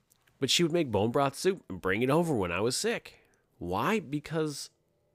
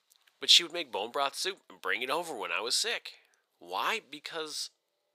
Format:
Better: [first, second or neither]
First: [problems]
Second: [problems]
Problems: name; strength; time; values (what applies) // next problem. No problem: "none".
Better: first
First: none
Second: thin; very; fading below 700 Hz